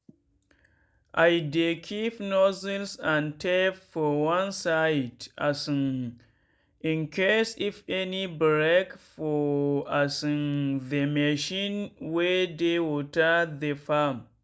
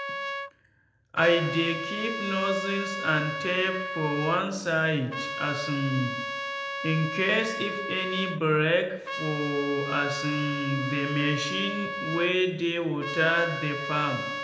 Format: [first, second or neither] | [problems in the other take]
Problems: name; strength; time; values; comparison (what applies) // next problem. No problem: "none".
first | background sound (Trumpet); 6 dB below the speech // room echo; dies away in 0.8 s